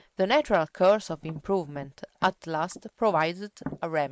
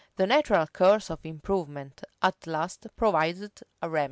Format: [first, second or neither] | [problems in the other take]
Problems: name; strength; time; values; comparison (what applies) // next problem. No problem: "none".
second | noise reduction (neural mask model Resemble Enhance denoiser)